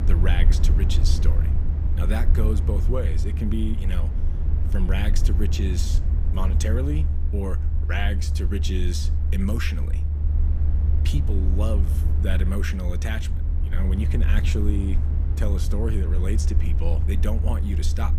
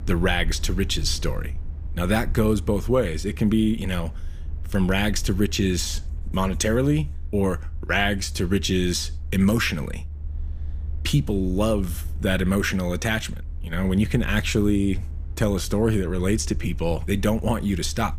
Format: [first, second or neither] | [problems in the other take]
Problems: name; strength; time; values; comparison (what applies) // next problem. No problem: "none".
second | low rumble; loud; throughout; 6 dB below the speech; faint in the second